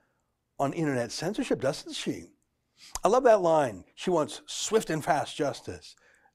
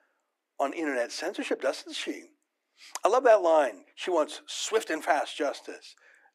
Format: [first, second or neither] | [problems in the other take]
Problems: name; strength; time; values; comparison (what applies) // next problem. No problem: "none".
first | thin; somewhat; fading below 300 Hz